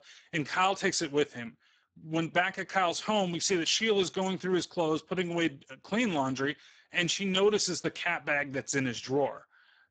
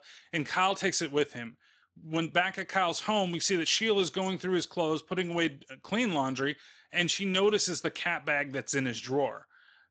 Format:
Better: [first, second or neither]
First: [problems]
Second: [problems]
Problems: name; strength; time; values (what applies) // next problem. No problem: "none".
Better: second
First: garbled, watery; badly; nothing above 7.5 kHz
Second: garbled, watery; slightly; nothing above 7.5 kHz